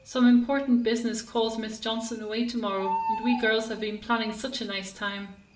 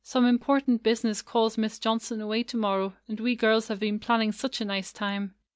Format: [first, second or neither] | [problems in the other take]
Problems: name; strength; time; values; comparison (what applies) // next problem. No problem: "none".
second | background sound (Bird); 12 dB below the speech // room echo; dies away in 0.5 s